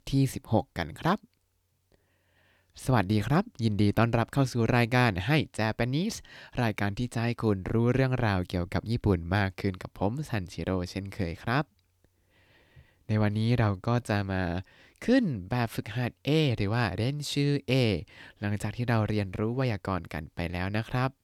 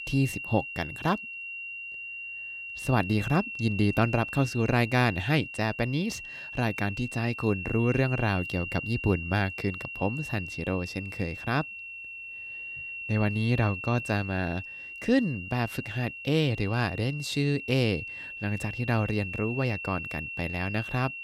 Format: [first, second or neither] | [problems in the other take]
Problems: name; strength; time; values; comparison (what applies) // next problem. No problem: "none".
first | high-pitched whine; loud; throughout; 2.5 kHz, 8 dB below the speech